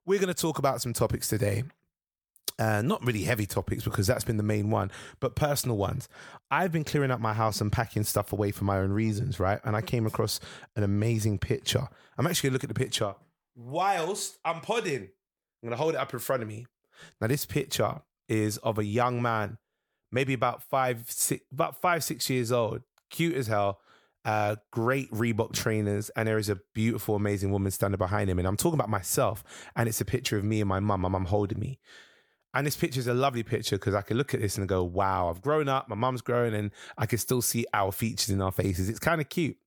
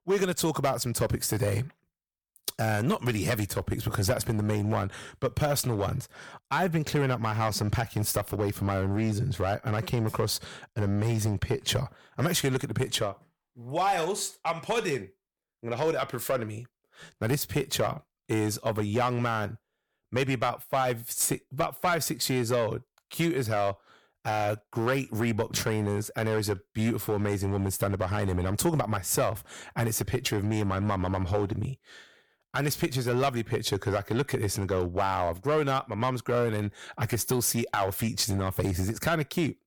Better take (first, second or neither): first